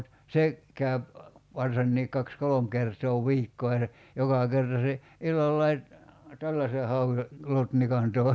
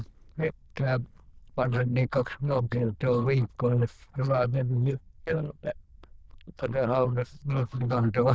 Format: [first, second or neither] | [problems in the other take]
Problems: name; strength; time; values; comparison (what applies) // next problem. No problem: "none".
first | noise reduction (neural diffusion model UNIVERSE++)